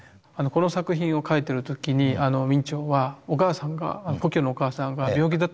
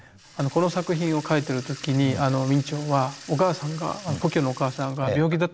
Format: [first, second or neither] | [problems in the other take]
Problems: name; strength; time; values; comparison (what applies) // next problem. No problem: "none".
first | background sound (Sink (filling or washing) / Water tap, faucet); 19 dB below the speech